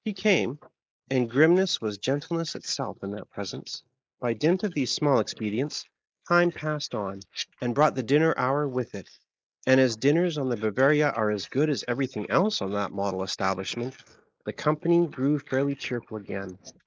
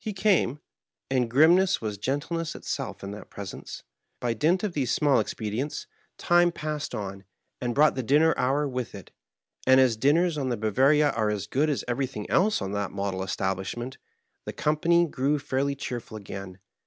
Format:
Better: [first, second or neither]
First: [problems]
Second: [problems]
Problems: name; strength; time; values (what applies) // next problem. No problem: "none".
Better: second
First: noise reduction (neural mask model Resemble Enhance denoiser)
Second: none